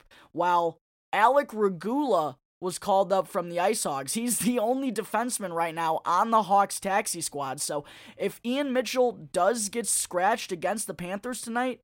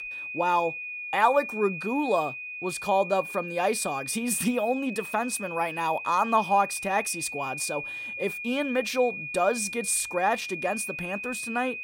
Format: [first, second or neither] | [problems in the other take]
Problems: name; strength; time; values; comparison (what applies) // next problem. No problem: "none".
first | high-pitched whine; loud; throughout; 2.5 kHz, 7 dB below the speech